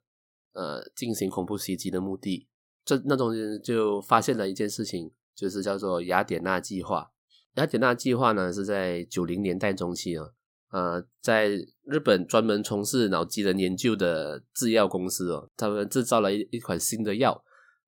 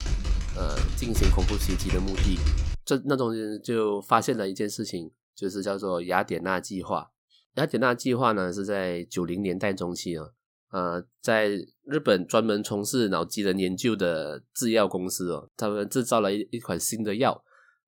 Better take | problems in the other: first | keyboard typing; loud; until 3 s; peak 2 dB above the speech

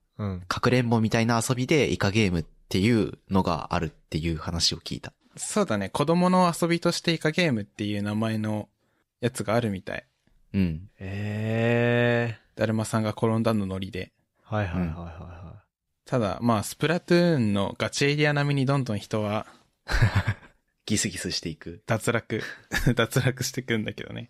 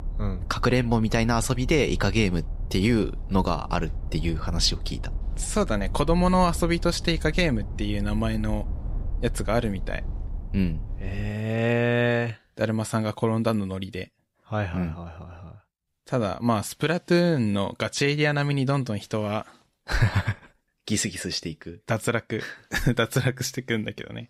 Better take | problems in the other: first | low rumble; faint; until 11 s; 20 dB below the speech

